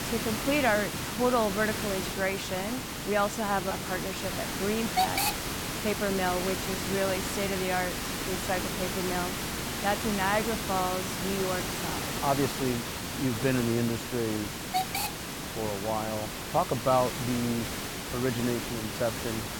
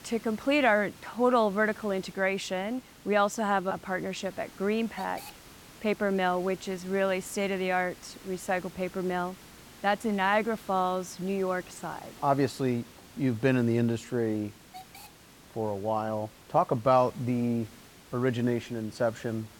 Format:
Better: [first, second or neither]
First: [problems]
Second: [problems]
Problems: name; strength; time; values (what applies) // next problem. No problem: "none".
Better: second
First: hiss; loud; throughout; 2 dB below the speech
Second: hiss; faint; throughout; 20 dB below the speech